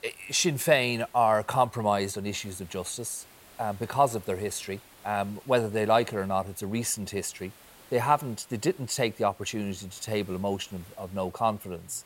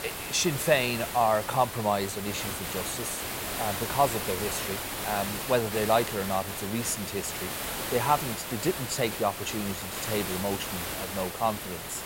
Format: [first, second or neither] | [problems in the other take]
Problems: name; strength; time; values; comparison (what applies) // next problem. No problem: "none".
first | hiss; loud; throughout; 4 dB below the speech; faint in the first